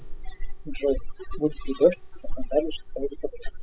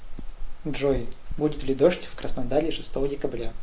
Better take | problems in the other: second | noise reduction (classical method spectral subtraction)

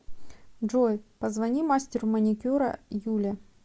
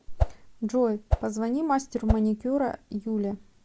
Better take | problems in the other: first | background sound (Whoosh, swoosh, swish); 1 dB above the speech

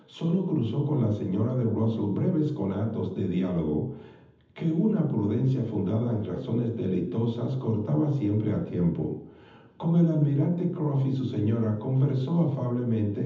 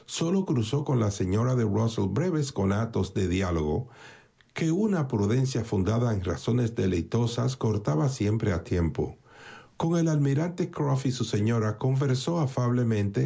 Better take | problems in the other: second | room echo; dies away in 0.8 s

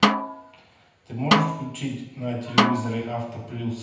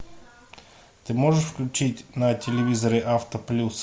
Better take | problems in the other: second | background sound (Snare drum); 4 dB above the speech // room echo; dies away in 0.9 s

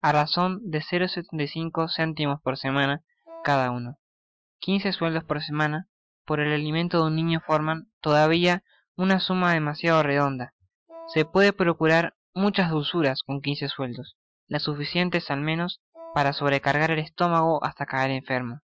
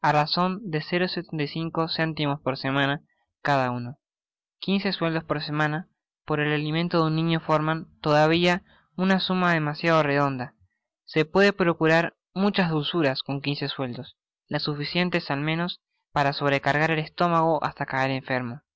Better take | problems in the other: second | noise reduction (classical method Wiener filter)

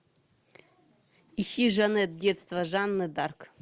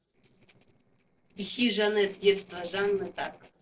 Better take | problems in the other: first | noise reduction (neural separator model SepFormer DNS4)

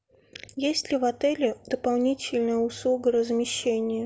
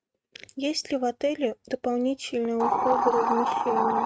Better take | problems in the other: first | noise reduction (neural mask model RNNoise)

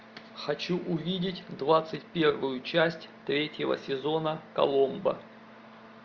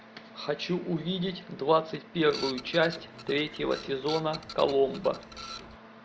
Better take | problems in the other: first | background sound (Printer); 13 dB below the speech

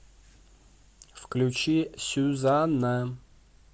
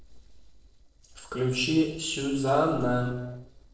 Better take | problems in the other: first | noise reduction (neural separator model SepFormer DNS4)

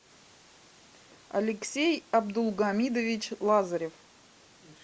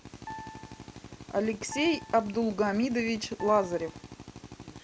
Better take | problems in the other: first | background sound (Piano + Drill); 14 dB below the speech

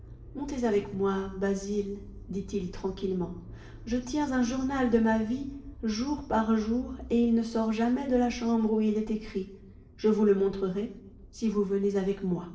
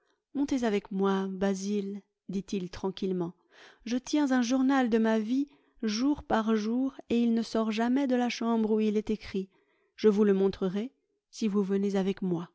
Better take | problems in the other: second | background sound (Motor vehicle (road)); 18 dB below the speech // room echo; dies away in 0.6 s

